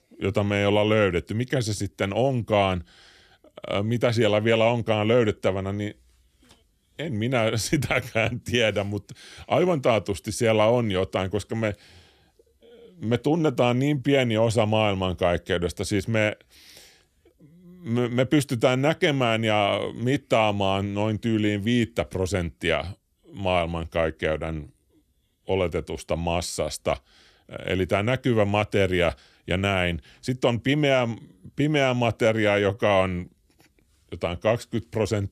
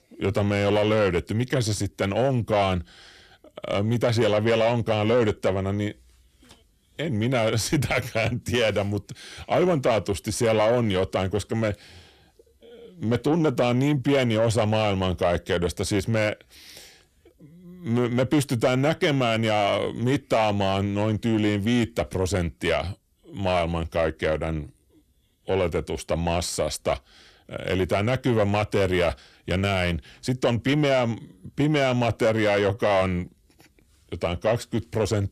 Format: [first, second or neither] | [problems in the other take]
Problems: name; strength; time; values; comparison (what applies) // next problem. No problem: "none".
first | distortion; slight; 10 dB below the speech